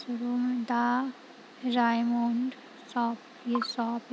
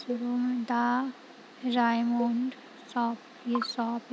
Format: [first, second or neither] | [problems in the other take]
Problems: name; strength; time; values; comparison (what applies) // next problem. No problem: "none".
first | background sound (Cowbell); 17 dB below the speech